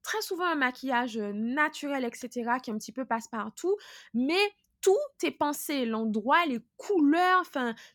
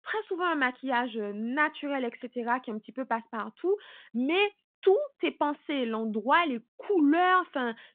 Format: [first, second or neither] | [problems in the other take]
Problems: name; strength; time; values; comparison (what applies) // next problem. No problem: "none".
first | phone-call audio